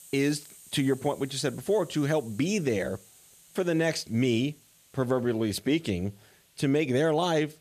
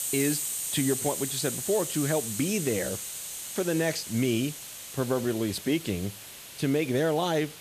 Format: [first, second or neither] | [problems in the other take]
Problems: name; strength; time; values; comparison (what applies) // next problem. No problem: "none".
first | hiss; loud; throughout; 5 dB below the speech; faint in the first